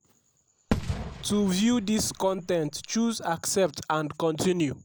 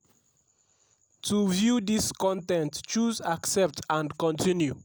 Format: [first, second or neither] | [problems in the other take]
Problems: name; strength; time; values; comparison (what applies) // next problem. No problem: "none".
second | background sound (Fireworks); 8 dB below the speech